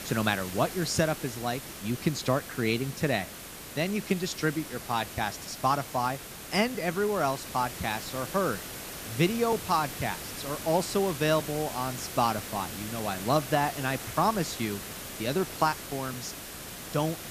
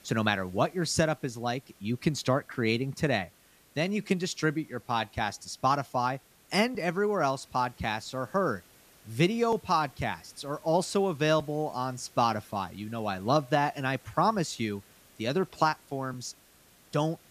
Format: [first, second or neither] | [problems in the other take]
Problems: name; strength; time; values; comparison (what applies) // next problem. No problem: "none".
second | hiss; loud; throughout; 9 dB below the speech; faint in the second